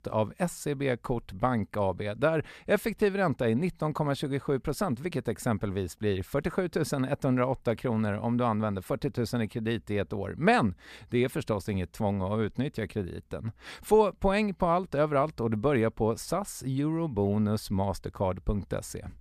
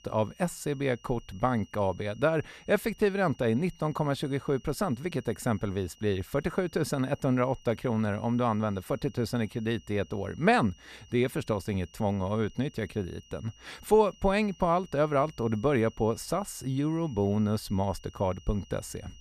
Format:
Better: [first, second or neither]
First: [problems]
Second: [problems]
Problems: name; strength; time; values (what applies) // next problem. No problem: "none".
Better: first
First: none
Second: high-pitched whine; faint; throughout; 3 kHz, 25 dB below the speech